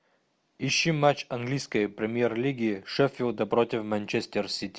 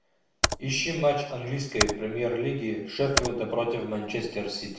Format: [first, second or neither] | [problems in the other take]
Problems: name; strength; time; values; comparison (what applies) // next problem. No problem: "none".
first | background sound (Computer keyboard); 4 dB below the speech // room echo; dies away in 0.7 s